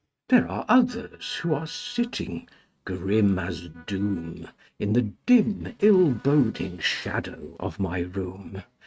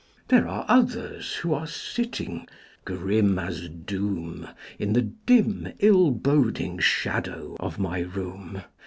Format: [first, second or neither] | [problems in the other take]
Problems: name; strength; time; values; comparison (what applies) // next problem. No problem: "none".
second | noise reduction (neural mask model RNNoise)